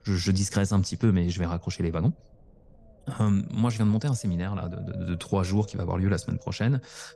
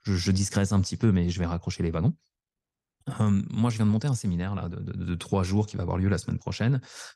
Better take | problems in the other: second | low rumble; noticeable; throughout; 20 dB below the speech

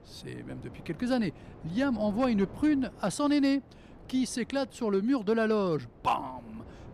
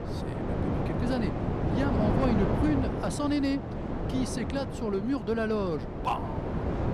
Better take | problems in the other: first | wind noise on the microphone; heavy; 2 dB below the speech; occasional gusts in the first

